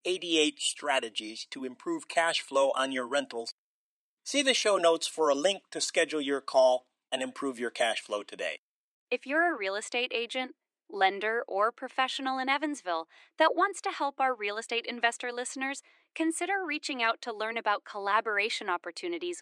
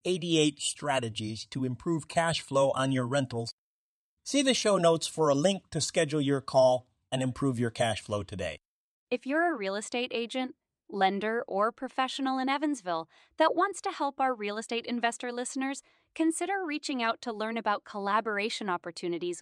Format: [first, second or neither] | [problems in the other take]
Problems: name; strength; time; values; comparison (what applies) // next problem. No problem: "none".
second | thin; somewhat; fading below 300 Hz